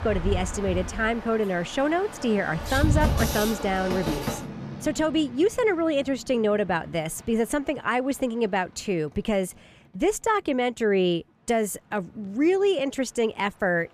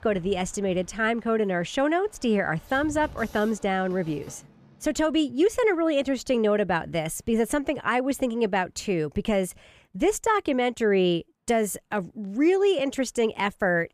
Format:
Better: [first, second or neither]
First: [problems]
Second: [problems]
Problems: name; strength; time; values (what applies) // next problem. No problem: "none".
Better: second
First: train or aircraft noise; loud; throughout; 5 dB below the speech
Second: train or aircraft noise; faint; throughout; 25 dB below the speech